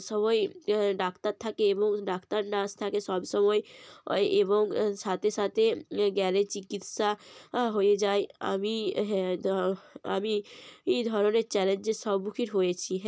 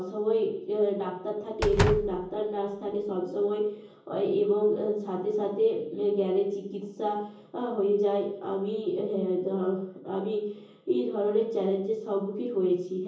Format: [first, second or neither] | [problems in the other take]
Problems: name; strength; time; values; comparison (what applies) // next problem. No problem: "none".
first | background sound (Slam); 4 dB below the speech // room echo; dies away in 0.7 s